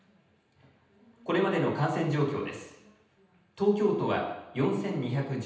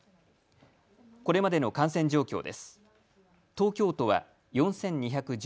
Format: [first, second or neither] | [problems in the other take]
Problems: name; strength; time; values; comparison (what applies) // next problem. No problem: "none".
second | room echo; dies away in 0.9 s